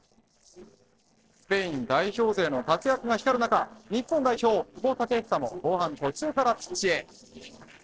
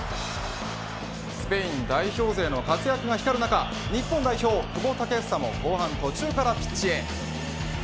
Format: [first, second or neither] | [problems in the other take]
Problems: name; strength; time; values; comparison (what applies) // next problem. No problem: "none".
second | noise reduction (neural separator model SepFormer DNS4)